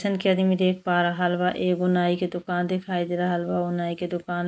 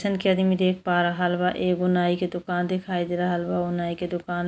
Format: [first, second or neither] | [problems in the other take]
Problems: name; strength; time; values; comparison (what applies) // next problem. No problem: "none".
second | noise reduction (neural mask model Resemble Enhance denoiser)